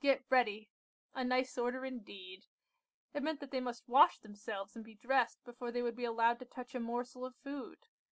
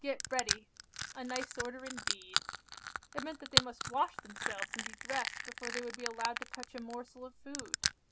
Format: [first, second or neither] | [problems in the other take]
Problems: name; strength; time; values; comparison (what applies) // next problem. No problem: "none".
first | background sound (Crushing); 3 dB above the speech